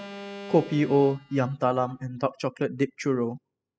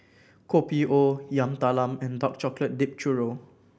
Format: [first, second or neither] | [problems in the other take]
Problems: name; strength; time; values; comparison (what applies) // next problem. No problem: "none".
second | noise reduction (classical method spectral subtraction)